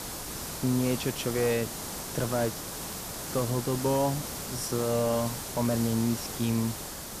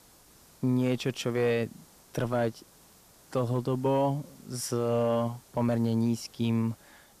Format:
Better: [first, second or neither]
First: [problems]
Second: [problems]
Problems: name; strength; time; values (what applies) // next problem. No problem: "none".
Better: second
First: hiss; loud; throughout; 5 dB below the speech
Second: hiss; faint; throughout; 25 dB below the speech